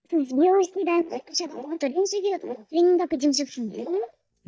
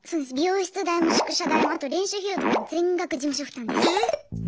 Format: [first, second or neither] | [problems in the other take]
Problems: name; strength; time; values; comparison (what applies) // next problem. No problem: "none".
second | noise reduction (neural mask model DeepFilterNet 3)